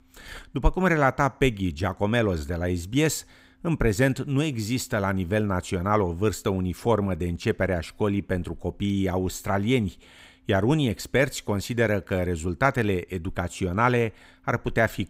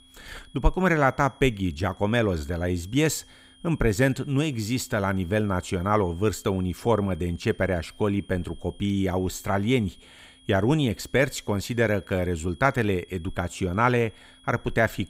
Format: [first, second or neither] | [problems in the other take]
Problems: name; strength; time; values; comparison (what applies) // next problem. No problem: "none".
first | high-pitched whine; faint; throughout; 3.5 kHz, 30 dB below the speech